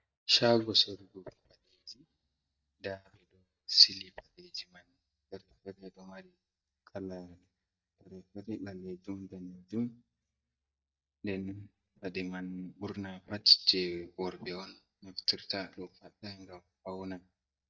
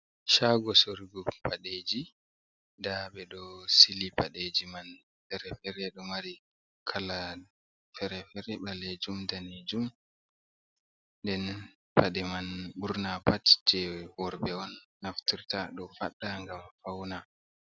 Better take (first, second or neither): second